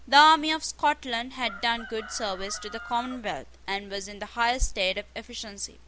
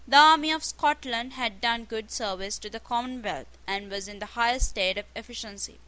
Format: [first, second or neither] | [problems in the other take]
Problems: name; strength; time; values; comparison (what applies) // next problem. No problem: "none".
second | background sound (Chicken, rooster); 17 dB below the speech